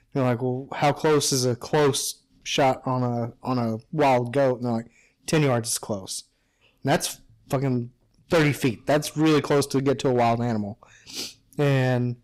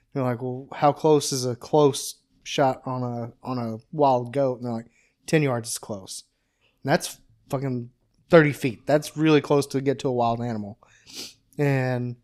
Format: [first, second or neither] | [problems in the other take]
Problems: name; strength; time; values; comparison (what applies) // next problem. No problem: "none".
second | distortion; heavy; 9% of the sound clipped